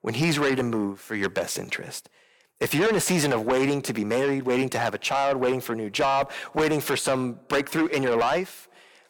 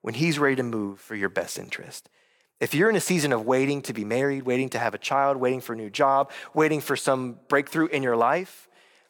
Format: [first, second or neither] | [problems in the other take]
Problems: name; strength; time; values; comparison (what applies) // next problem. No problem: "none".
second | distortion; heavy; 8 dB below the speech